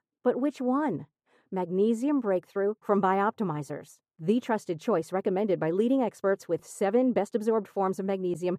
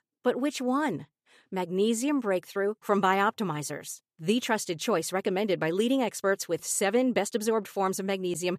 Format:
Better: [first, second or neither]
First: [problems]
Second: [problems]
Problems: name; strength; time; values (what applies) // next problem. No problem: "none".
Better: second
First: muffled; slightly; fading above 1.5 kHz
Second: none